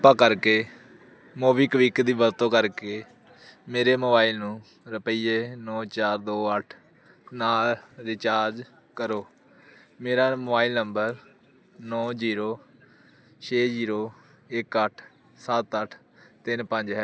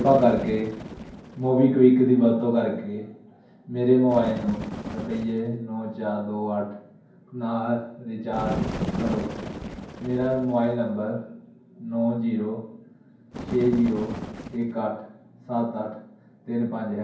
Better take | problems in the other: first | background sound (Bird); 12 dB below the speech // room echo; dies away in 0.9 s

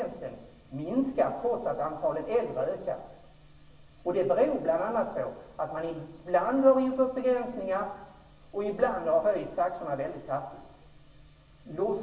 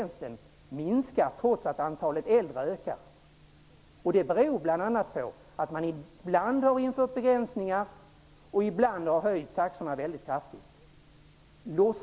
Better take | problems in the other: second | room echo; dies away in 0.9 s

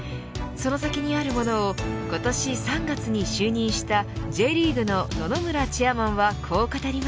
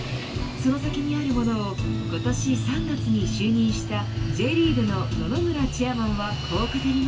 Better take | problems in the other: first | background sound (Fixed-wing aircraft, airplane); 15 dB below the speech // room echo; dies away in 0.2 s

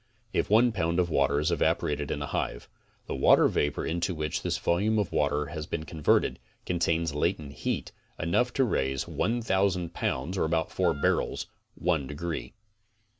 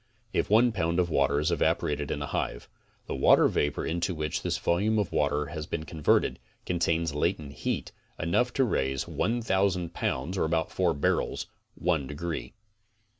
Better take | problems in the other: second | background sound (Wind instrument, woodwind instrument); 15 dB below the speech

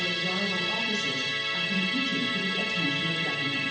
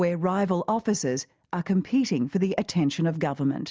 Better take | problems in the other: second | background sound (Musical instrument); 5 dB above the speech // room echo; dies away in 0.9 s

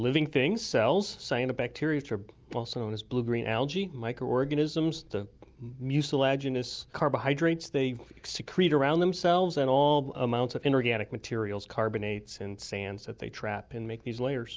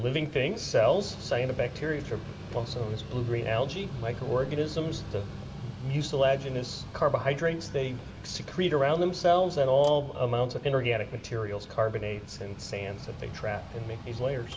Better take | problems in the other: first | background sound (Mechanical fan); 12 dB below the speech // room echo; dies away in 1.8 s

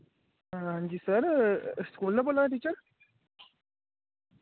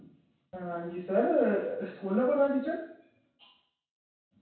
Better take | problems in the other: first | room echo; dies away in 0.7 s

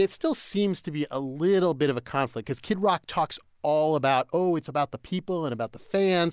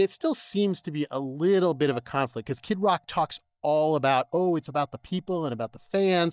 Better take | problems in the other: first | noise reduction (neural mask model DeepFilterNet 3)

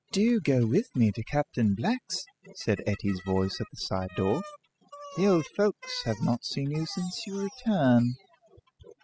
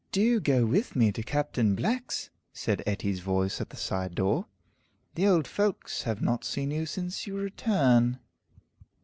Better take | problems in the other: second | noise reduction (classical method spectral subtraction)

